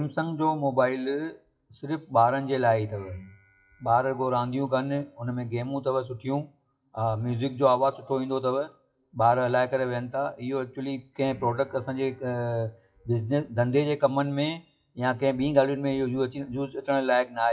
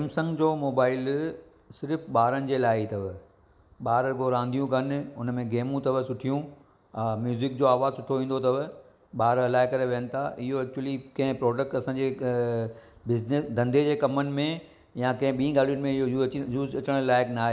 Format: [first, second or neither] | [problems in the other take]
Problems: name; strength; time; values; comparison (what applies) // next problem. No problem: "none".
second | noise reduction (classical method WPE with log-MMSE)